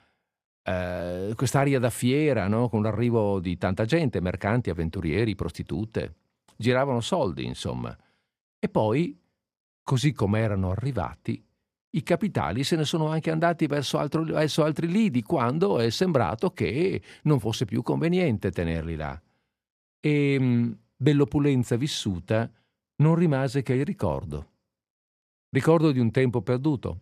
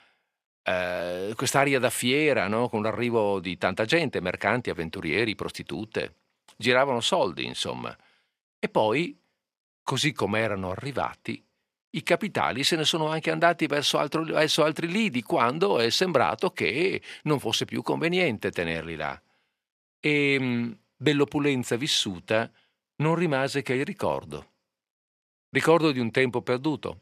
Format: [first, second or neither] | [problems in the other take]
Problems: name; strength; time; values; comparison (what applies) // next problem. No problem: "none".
first | thin; somewhat; fading below 550 Hz